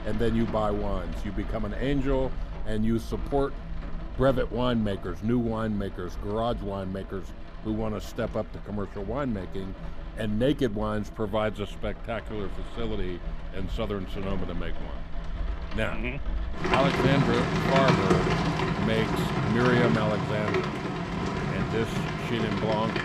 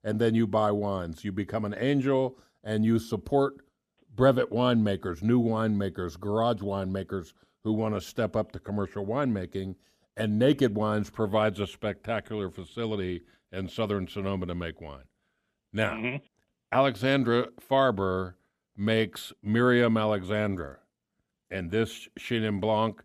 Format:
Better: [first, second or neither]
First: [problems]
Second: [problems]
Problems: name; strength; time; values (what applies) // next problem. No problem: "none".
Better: second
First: rain or running water; loud; throughout; 1 dB below the speech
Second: none